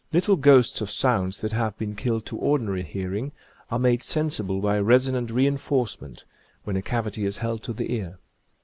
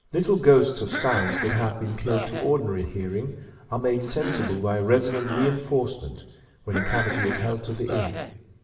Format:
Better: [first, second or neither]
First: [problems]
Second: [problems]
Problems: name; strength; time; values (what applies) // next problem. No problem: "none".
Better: first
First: none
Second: background sound (Cough); 9 dB below the speech // room echo; dies away in 1.2 s